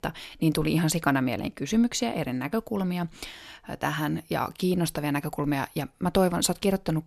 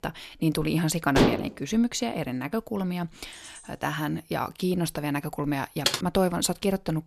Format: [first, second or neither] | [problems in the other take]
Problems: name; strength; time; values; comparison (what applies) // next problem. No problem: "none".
first | clattering dishes; loud; at 1 s; peak 4 dB above the speech // jangling keys; faint; at 3.5 s; peak 20 dB below the speech // keyboard typing; loud; at 6 s; peak 1 dB above the speech